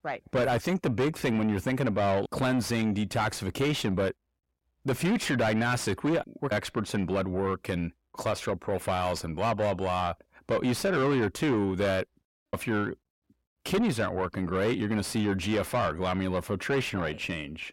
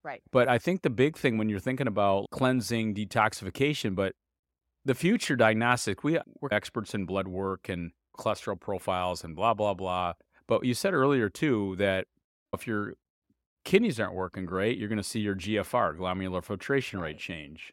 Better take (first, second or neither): second